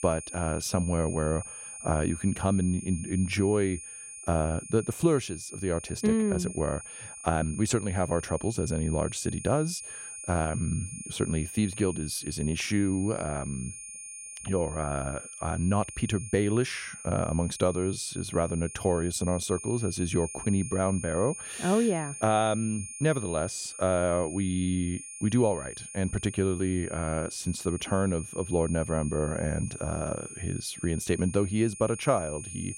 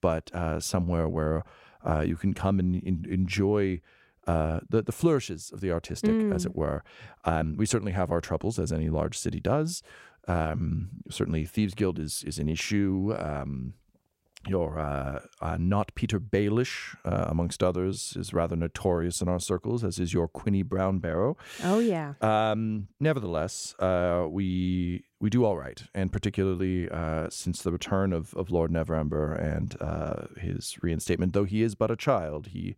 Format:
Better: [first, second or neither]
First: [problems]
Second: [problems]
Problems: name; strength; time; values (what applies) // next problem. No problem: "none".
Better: second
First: high-pitched whine; noticeable; throughout; 9 kHz, 10 dB below the speech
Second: none